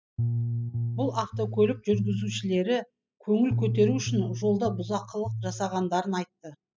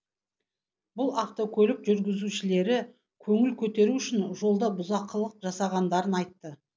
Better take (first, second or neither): second